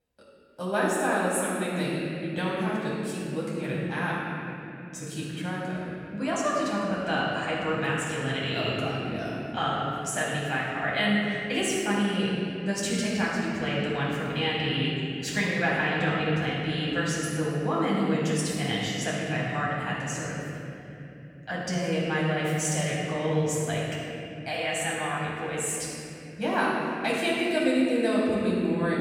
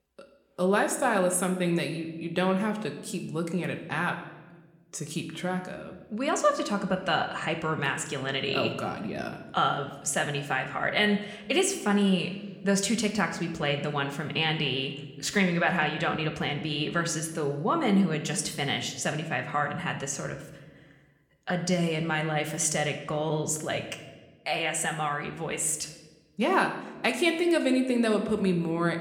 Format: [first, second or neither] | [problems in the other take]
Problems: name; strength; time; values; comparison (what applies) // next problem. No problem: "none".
second | room echo; strong; dies away in 3 s; slight in the second // off-mic speech; far